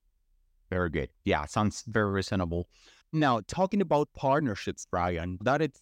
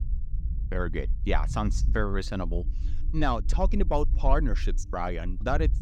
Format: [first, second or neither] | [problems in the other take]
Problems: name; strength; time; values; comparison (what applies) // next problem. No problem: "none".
first | low rumble; faint; throughout; 20 dB below the speech